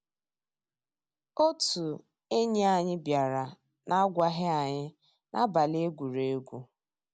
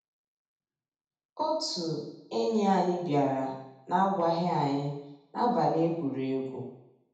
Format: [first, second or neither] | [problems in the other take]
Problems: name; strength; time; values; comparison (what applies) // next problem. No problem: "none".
first | room echo; dies away in 0.8 s